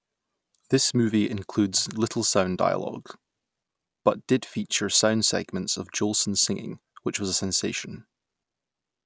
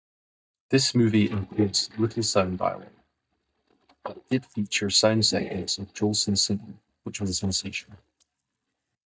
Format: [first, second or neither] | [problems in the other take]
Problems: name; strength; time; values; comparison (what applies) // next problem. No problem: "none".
first | noise reduction (neural mask model DeepFilterNet 3)